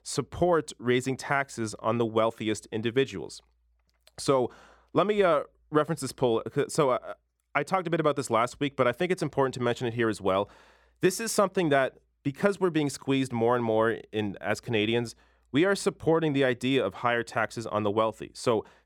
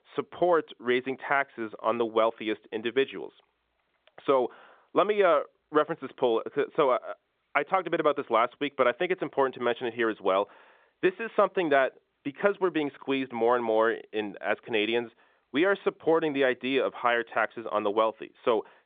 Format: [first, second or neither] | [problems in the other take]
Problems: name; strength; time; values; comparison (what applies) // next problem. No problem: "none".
first | phone-call audio; nothing above 3.5 kHz